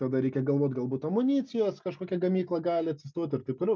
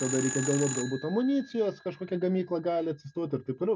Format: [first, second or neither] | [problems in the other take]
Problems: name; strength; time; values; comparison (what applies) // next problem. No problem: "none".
first | background sound (Telephone); 11 dB below the speech